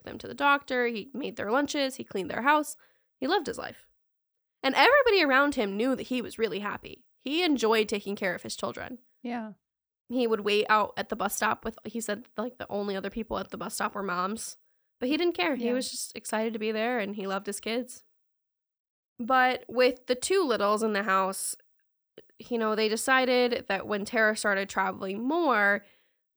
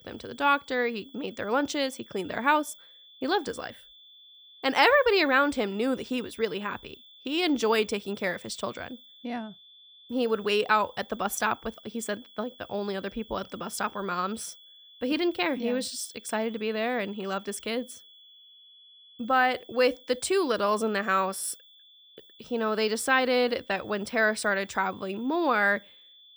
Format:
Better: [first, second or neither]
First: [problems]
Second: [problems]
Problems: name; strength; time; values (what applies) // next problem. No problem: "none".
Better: first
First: none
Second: high-pitched whine; faint; throughout; 3.5 kHz, 25 dB below the speech